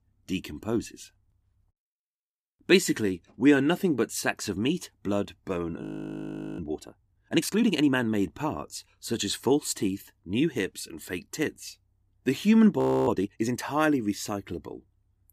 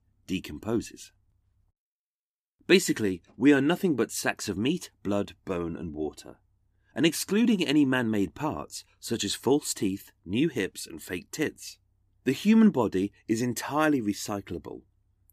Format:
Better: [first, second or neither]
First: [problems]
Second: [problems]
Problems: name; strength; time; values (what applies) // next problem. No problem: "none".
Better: second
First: audio freezing; at 6 s for 1 s and at 13 s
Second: none